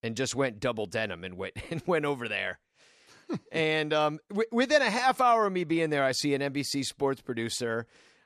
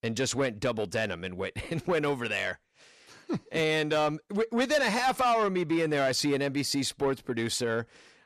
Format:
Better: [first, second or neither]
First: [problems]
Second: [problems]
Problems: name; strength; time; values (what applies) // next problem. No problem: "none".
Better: first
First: none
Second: distortion; slight; 10 dB below the speech